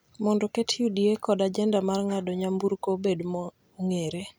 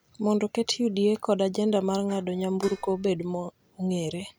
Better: first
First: none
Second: background sound (Dishes, pots, and pans); 17 dB below the speech

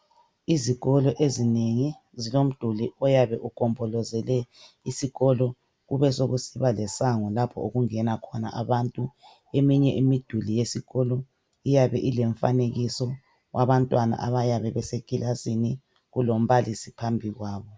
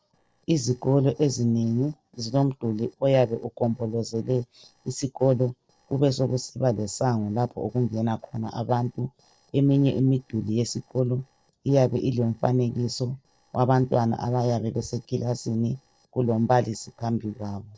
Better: first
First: none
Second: noise reduction (neural separator model SepFormer DNS4)

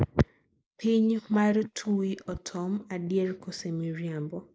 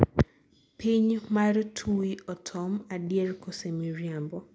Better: second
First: noise reduction (neural mask model Resemble Enhance denoiser)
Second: none

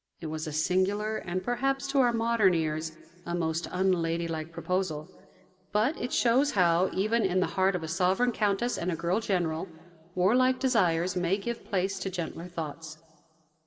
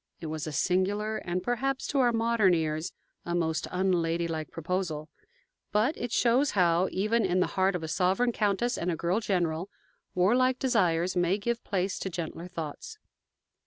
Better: second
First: room echo; dies away in 1.8 s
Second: none

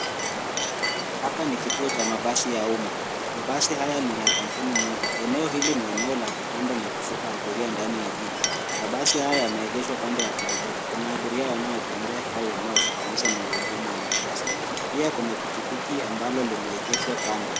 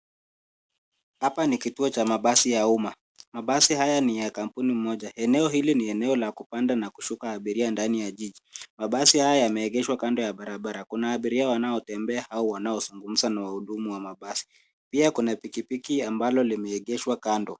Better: second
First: background sound (Stream + Chink, clink); 2 dB above the speech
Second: none

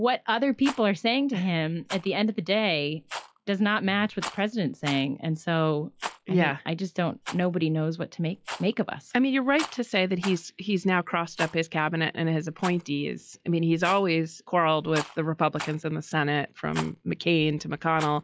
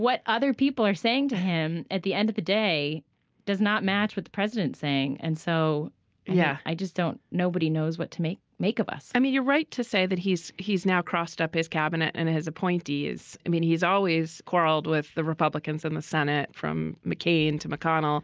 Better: second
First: noise reduction (classical method log-MMSE)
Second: none

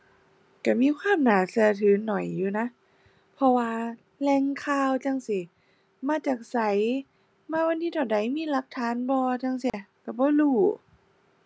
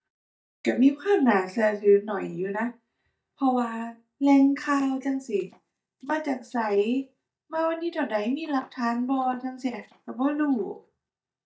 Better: first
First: none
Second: noise reduction (neural mask model DeepFilterNet 3)

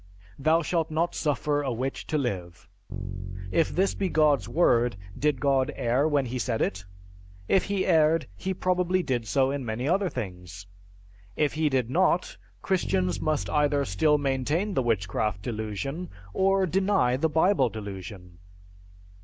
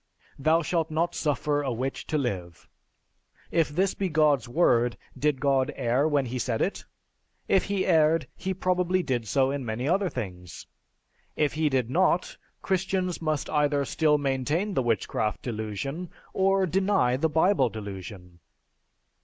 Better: second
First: background sound (Bass guitar); 13 dB below the speech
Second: none

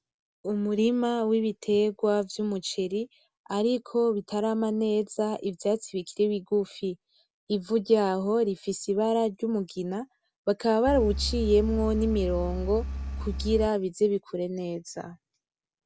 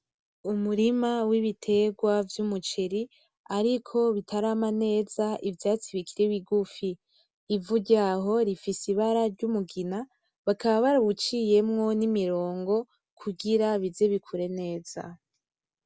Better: second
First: background sound (Engine); 4 dB below the speech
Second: none

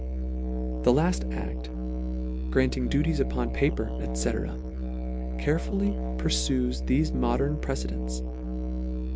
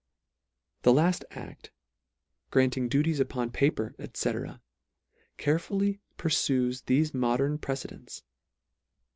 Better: second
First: background sound (Musical instrument); as loud as the speech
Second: none

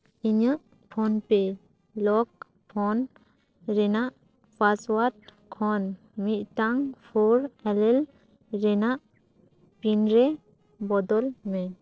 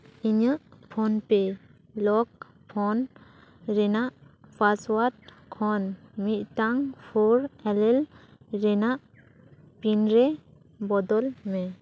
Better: second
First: noise reduction (neural separator model SepFormer DNS4)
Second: none

